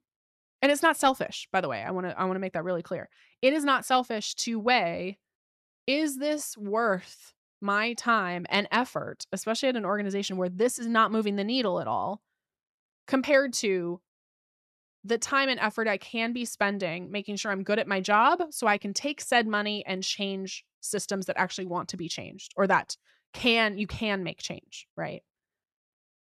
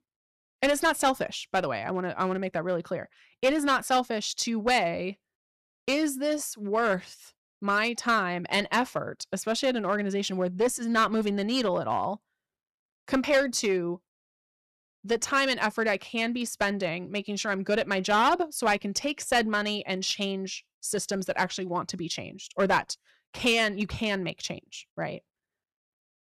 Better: first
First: none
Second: distortion; slight; 4% of the sound clipped

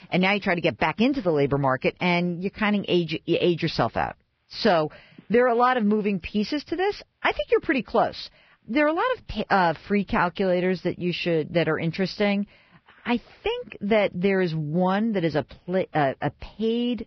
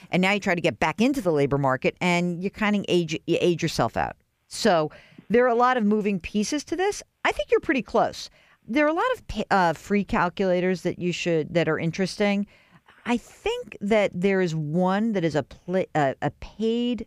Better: second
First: garbled, watery; badly; nothing above 5.5 kHz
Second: none

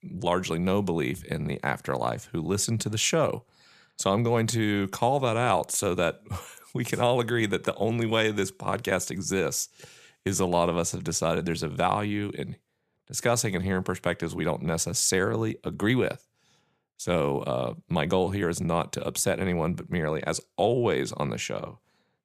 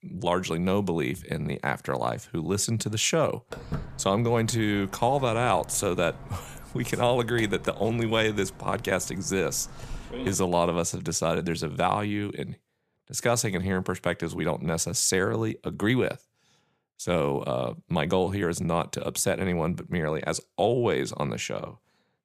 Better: first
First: none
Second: footsteps; noticeable; from 3.5 to 10 s; peak 9 dB below the speech

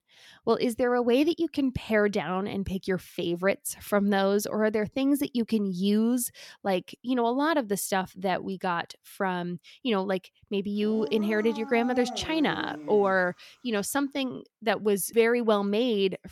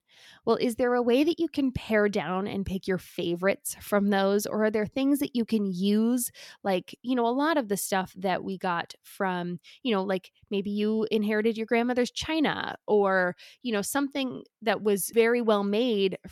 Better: second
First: dog barking; noticeable; from 11 to 13 s; peak 8 dB below the speech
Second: none

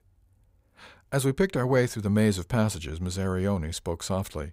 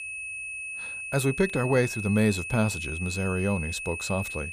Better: first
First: none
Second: high-pitched whine; loud; throughout; 2.5 kHz, 6 dB below the speech

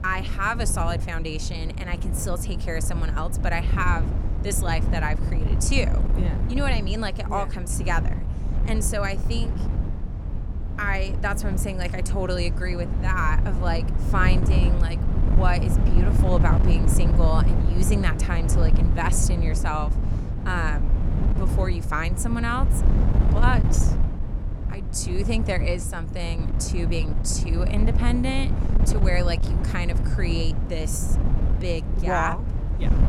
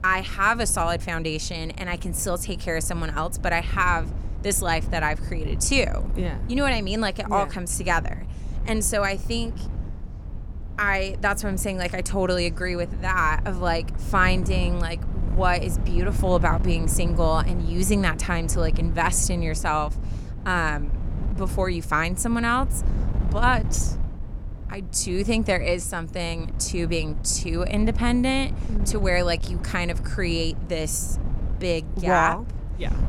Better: second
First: wind noise on the microphone; heavy; 8 dB below the speech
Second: wind noise on the microphone; occasional gusts; 20 dB below the speech

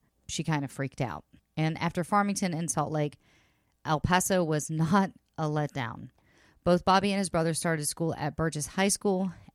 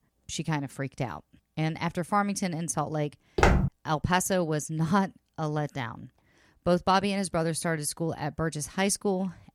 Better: first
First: none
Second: footsteps; loud; at 3.5 s; peak 6 dB above the speech

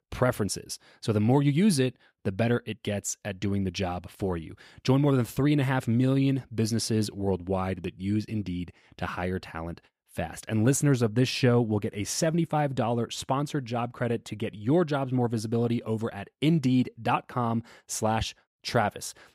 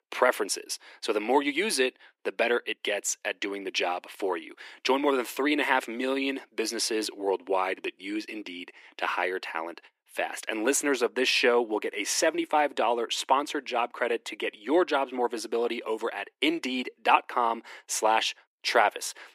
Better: first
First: none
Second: thin; very; fading below 300 Hz

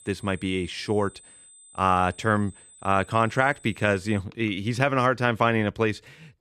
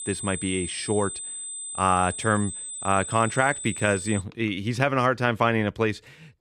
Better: first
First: high-pitched whine; faint; until 4 s; 8 kHz, 25 dB below the speech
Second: high-pitched whine; loud; until 4 s; 8 kHz, 7 dB below the speech

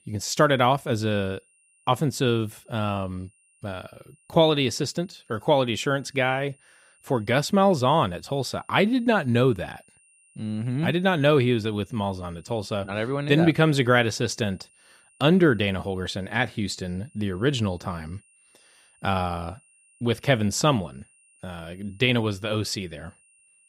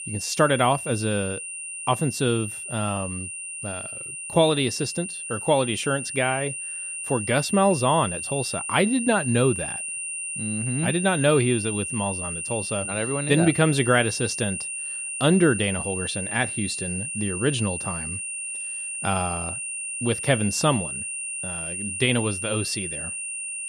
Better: first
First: high-pitched whine; faint; throughout; 2.5 kHz, 35 dB below the speech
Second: high-pitched whine; loud; throughout; 2.5 kHz, 5 dB below the speech

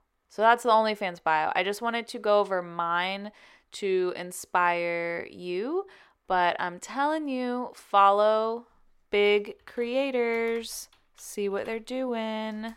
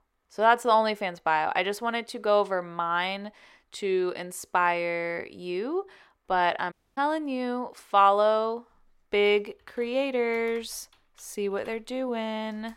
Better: first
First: none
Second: audio cutting out; at 6.5 s

